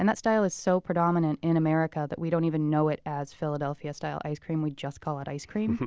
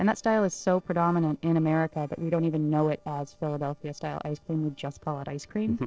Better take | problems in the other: first | noise reduction (neural separator model SepFormer DNS4)

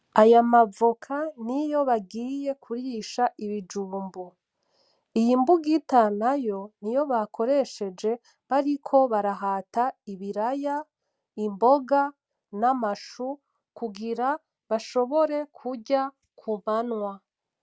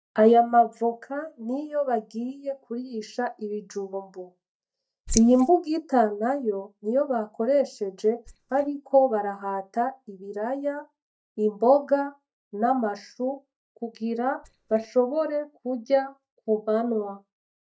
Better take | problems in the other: first | noise reduction (neural mask model DeepFilterNet 3)

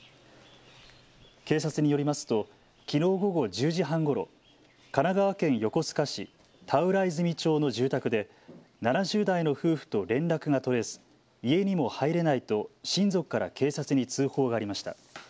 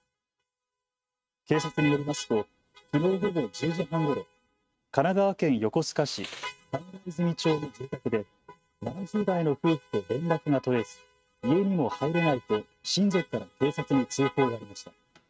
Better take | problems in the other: first | noise reduction (neural mask model RNNoise)

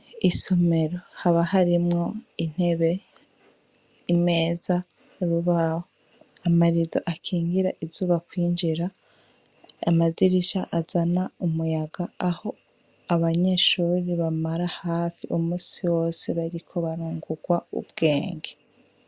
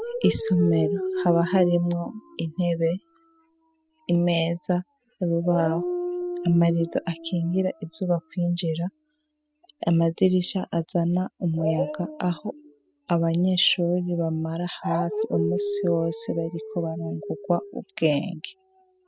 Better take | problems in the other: first | noise reduction (classical method spectral subtraction)

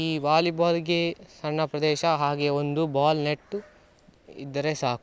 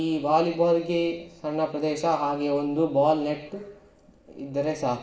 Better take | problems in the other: first | room echo; dies away in 0.8 s

